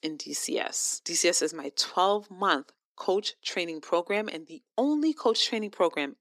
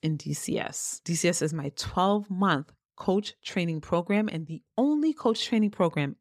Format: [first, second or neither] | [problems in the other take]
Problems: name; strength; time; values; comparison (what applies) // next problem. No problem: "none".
second | thin; somewhat; fading below 300 Hz